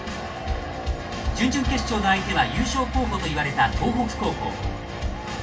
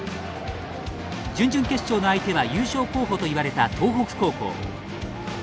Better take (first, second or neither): second